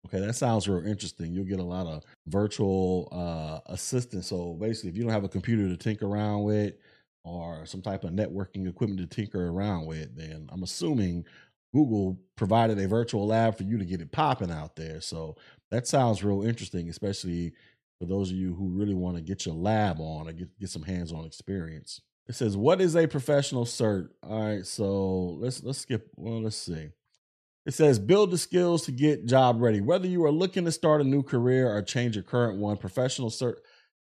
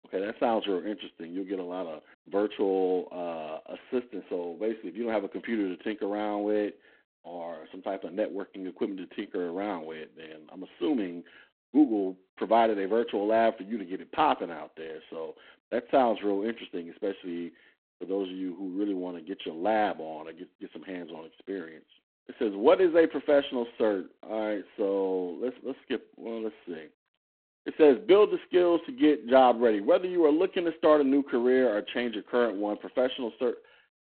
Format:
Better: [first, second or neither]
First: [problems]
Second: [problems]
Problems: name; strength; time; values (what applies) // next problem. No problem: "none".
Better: first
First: none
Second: phone-call audio; poor line